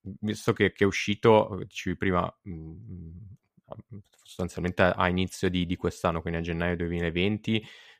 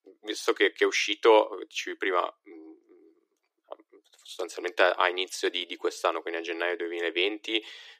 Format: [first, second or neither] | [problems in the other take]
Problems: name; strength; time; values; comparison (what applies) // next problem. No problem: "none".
first | thin; very; fading below 300 Hz